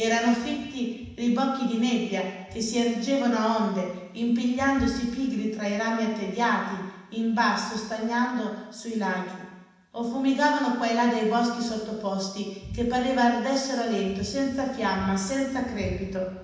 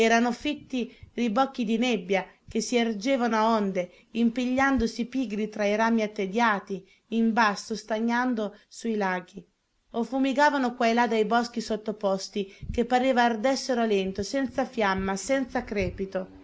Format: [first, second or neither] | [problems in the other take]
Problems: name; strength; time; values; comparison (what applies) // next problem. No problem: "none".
second | room echo; dies away in 1.1 s